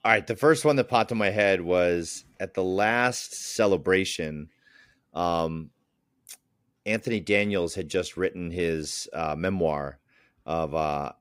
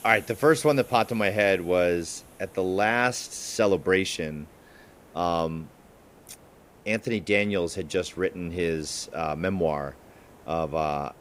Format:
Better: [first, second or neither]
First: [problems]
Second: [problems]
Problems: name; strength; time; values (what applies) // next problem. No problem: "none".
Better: first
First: none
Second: hiss; faint; throughout; 25 dB below the speech